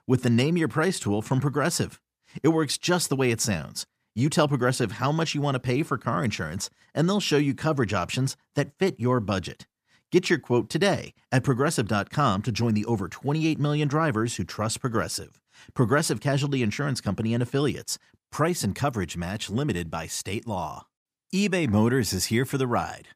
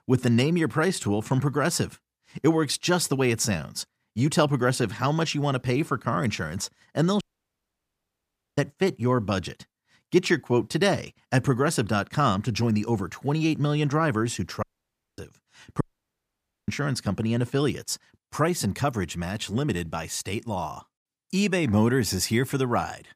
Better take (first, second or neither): first